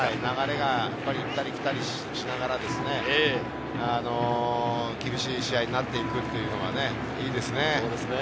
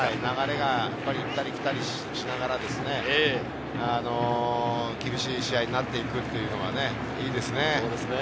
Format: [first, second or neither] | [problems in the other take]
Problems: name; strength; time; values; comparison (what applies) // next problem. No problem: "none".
second | background sound (Electric guitar); 10 dB below the speech